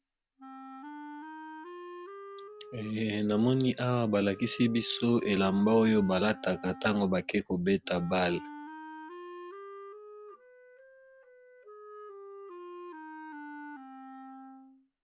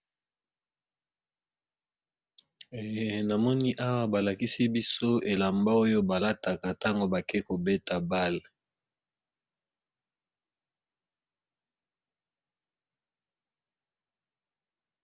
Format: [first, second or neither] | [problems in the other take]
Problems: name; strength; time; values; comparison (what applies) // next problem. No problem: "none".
second | background sound (Wind instrument, woodwind instrument); 15 dB below the speech